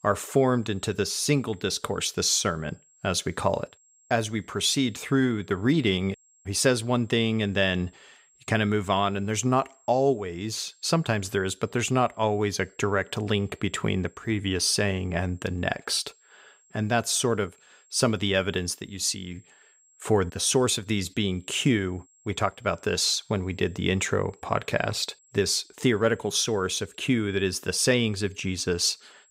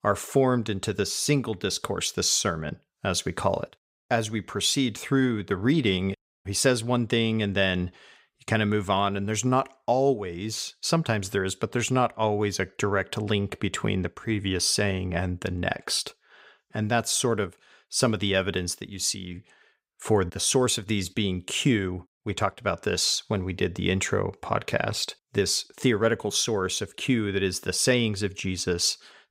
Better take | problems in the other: second | high-pitched whine; faint; throughout; 7.5 kHz, 30 dB below the speech

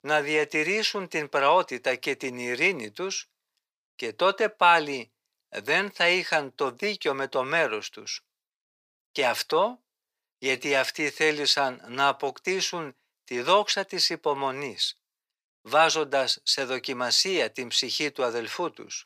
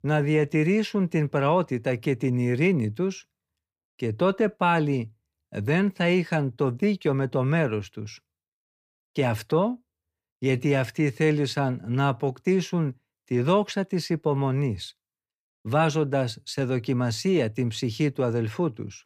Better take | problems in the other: second | thin; very; fading below 650 Hz

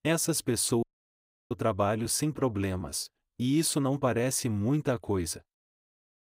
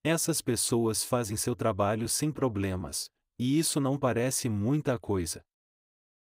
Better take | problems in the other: second | audio cutting out; at 1 s for 0.5 s

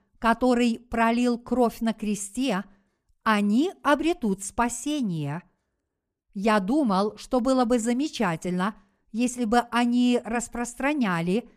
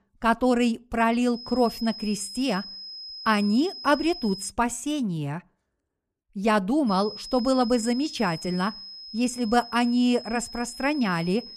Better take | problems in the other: first | high-pitched whine; noticeable; from 1.5 to 4.5 s and from 7 s on; 5 kHz, 10 dB below the speech

